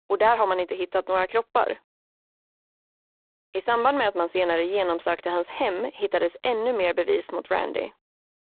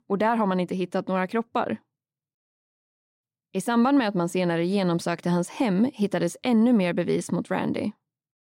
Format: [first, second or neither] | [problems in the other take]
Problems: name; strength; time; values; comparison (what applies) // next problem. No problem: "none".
second | phone-call audio; poor line; nothing above 3.5 kHz